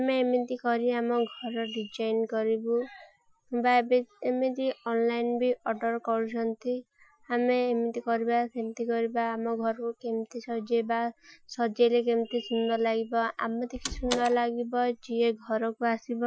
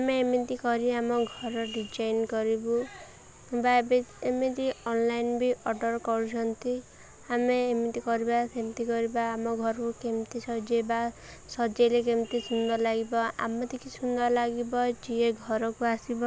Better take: second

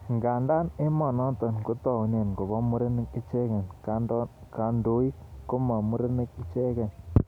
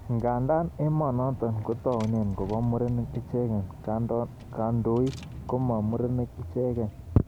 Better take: first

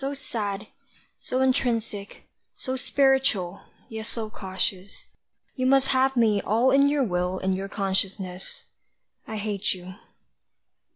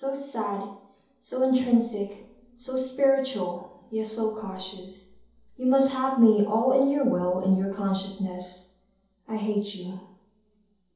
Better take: first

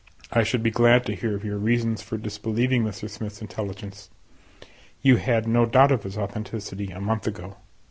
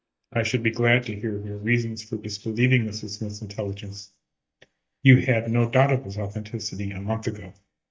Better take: first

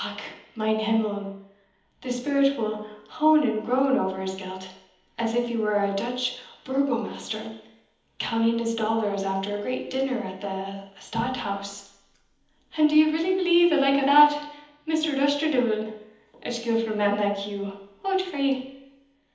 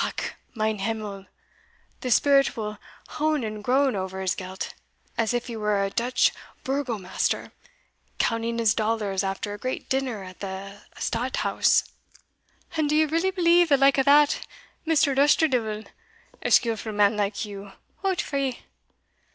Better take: second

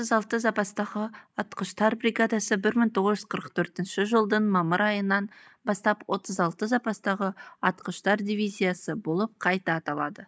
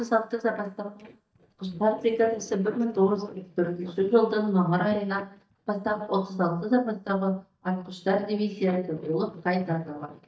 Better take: first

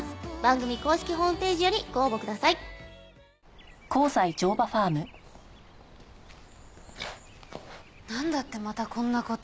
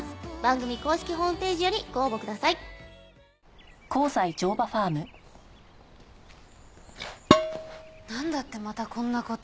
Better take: first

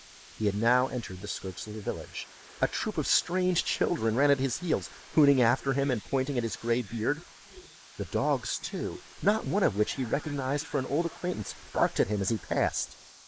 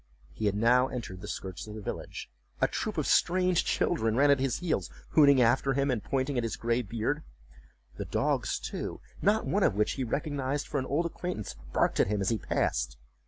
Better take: second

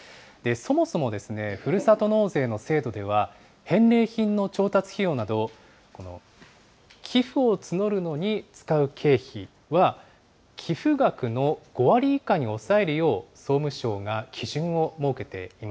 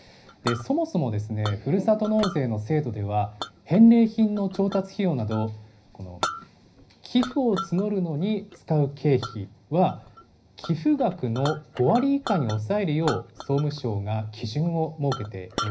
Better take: first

